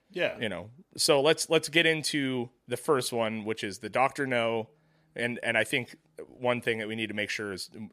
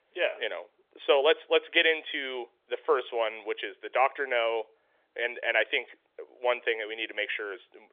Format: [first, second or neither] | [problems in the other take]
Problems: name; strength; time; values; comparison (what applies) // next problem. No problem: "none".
first | phone-call audio; nothing above 3.5 kHz